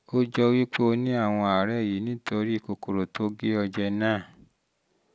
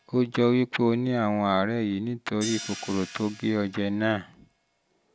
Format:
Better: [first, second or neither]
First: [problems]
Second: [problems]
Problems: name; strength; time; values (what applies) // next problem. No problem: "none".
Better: first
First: none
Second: background sound (Hi-hat); 18 dB below the speech